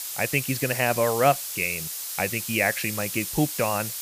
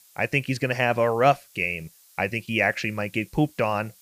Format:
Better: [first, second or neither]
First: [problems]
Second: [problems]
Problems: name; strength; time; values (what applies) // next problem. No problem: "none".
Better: second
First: hiss; loud; throughout; 5 dB below the speech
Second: hiss; faint; throughout; 30 dB below the speech